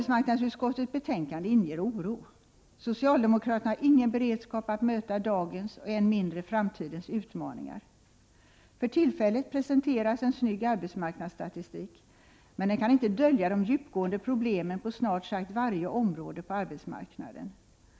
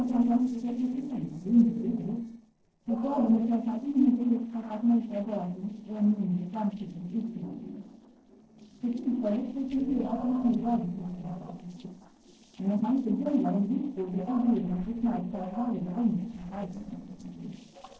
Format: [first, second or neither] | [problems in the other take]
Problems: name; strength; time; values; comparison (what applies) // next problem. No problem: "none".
first | noise reduction (neural separator model SepFormer DNS4)